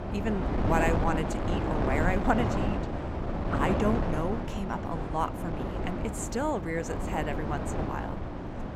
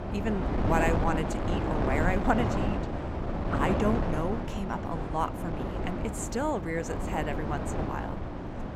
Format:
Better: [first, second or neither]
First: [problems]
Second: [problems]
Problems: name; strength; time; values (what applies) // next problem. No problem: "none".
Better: neither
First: wind noise on the microphone; heavy; 2 dB below the speech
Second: wind noise on the microphone; heavy; 2 dB below the speech